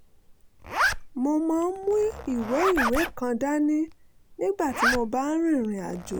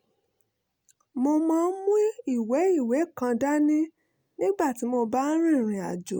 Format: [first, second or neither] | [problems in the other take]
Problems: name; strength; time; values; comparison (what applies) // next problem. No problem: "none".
second | background sound (Zipper (clothing)); 5 dB below the speech